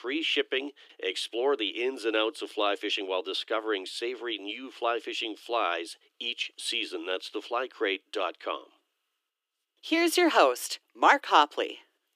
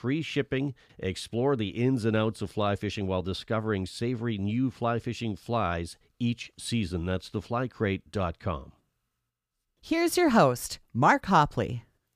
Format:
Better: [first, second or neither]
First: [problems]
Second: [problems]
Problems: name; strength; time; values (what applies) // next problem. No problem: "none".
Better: second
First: thin; very; fading below 300 Hz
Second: none